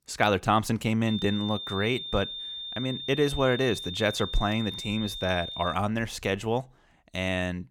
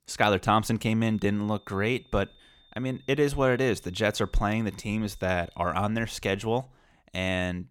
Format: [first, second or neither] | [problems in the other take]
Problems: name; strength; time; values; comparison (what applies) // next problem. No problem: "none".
second | high-pitched whine; loud; from 1 to 5.5 s; 3.5 kHz, 7 dB below the speech; faint in the second